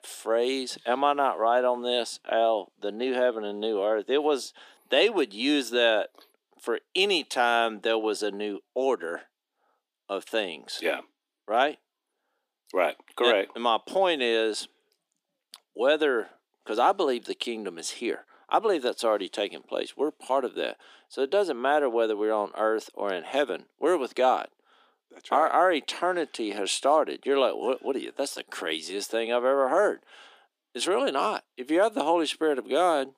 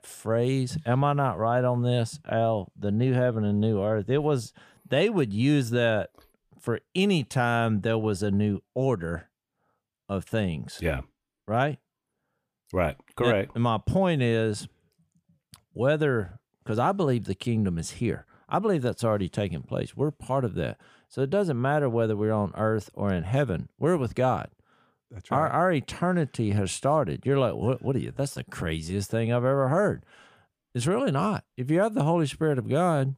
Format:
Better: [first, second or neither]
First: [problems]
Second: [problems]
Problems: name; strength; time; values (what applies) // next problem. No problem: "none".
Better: second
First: thin; somewhat; fading below 300 Hz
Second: none